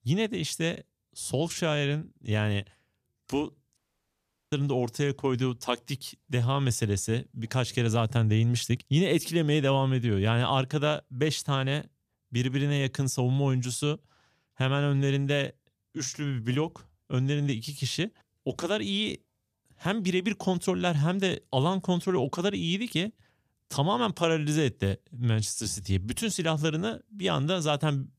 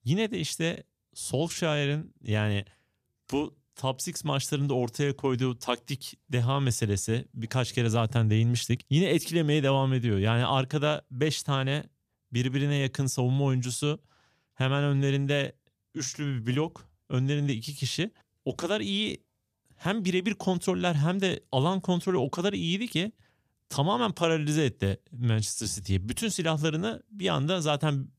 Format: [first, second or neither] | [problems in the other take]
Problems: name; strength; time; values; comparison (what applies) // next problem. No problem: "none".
second | audio cutting out; at 4 s for 0.5 s